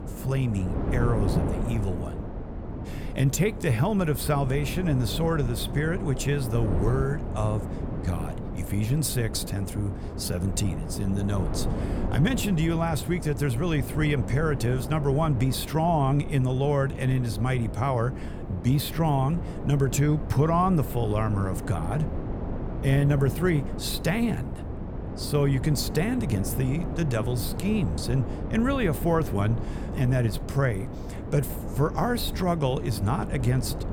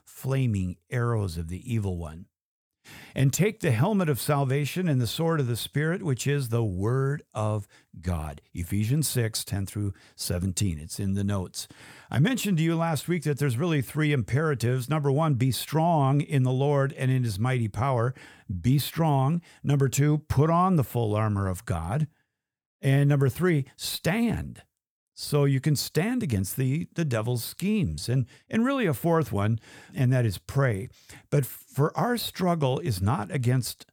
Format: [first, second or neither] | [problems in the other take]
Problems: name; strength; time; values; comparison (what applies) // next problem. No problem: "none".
second | wind noise on the microphone; heavy; 9 dB below the speech